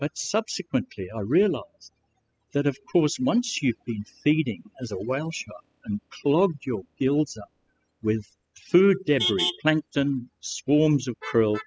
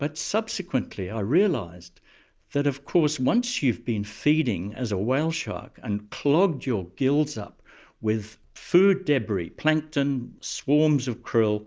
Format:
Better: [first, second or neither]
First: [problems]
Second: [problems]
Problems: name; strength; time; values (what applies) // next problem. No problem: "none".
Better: second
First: noise reduction (classical method spectral subtraction)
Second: none